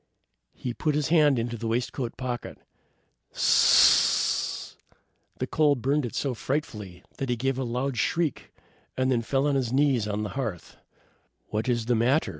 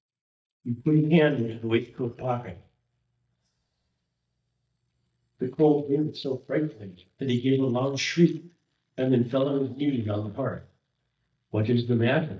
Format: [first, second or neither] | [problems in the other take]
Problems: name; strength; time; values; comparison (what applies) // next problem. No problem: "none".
first | noise reduction (neural mask model DeepFilterNet 3)